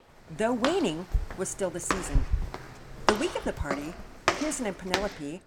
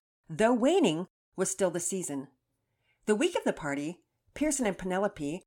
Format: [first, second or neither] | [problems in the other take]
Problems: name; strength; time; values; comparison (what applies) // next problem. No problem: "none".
second | footsteps; loud; from 0.5 s on; peak 4 dB above the speech